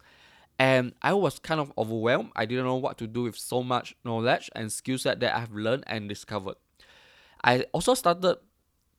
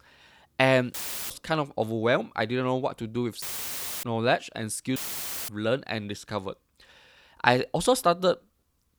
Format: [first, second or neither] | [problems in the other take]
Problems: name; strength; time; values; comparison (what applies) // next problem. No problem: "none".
first | audio cutting out; filled with static; at 1 s, at 3.5 s for 0.5 s and at 5 s for 0.5 s